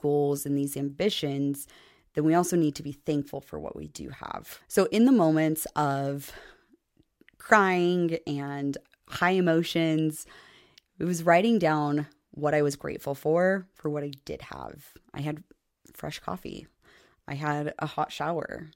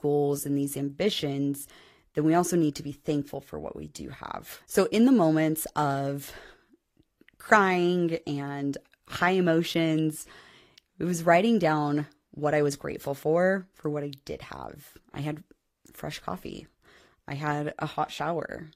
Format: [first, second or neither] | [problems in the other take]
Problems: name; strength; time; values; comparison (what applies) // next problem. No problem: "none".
first | garbled, watery; slightly; nothing above 14.5 kHz